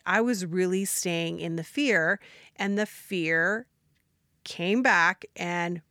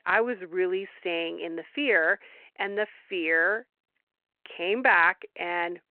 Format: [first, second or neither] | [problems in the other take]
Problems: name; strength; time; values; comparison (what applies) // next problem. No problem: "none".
first | phone-call audio